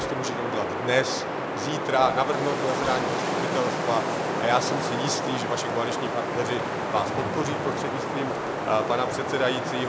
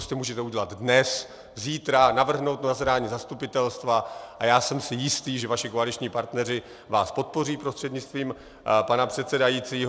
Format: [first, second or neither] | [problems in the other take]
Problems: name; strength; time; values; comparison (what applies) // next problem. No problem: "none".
second | background sound (Wind); as loud as the speech